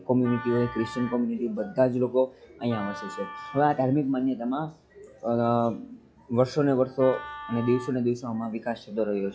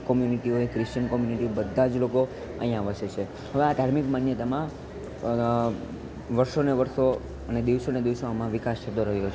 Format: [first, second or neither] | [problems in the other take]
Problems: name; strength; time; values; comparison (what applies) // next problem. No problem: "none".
second | noise reduction (classical method log-MMSE)